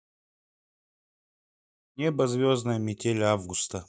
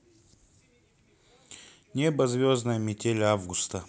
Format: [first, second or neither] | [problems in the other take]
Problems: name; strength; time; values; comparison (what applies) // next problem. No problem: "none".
second | noise reduction (neural mask model DeepFilterNet 3)